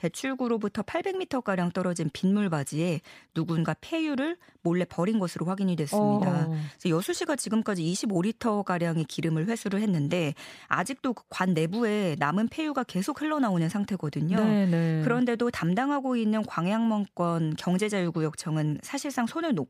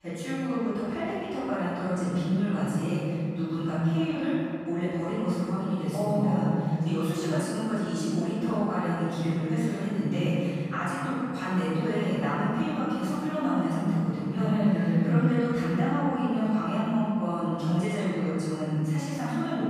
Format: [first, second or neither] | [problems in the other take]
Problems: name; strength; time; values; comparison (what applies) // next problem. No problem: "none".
first | off-mic speech; far // room echo; strong; dies away in 2.8 s